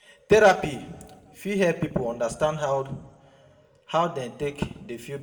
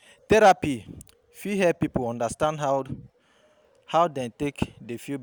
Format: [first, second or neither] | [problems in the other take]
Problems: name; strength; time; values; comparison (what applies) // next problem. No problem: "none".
second | room echo; dies away in 0.9 s